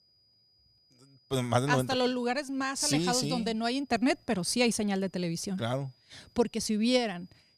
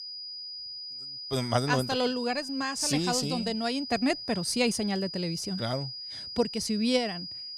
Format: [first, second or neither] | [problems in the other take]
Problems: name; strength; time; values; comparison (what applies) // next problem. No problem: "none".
first | high-pitched whine; loud; throughout; 5 kHz, 8 dB below the speech; faint in the first